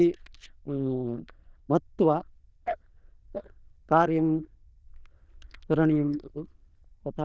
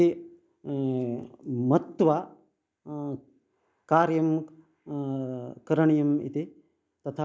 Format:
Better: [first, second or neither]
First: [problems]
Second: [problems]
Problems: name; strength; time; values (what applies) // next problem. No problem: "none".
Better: second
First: noise reduction (neural diffusion model UNIVERSE++)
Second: none